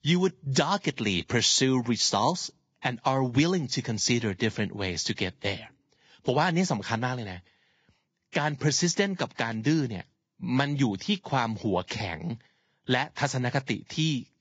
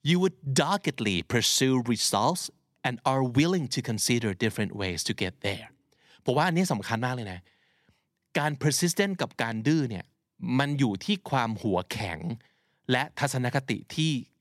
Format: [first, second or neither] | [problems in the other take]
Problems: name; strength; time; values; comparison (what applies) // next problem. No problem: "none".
second | garbled, watery; badly; nothing above 7.5 kHz